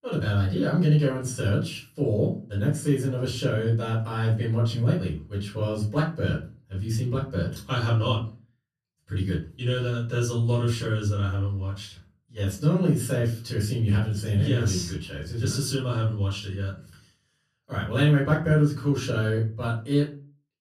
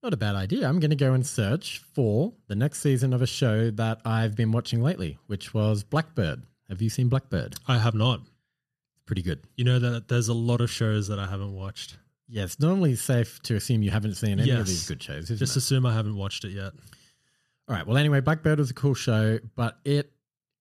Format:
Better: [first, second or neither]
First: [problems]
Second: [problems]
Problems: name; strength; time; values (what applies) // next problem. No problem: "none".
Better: second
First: off-mic speech; far // room echo; slight; dies away in 0.3 s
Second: none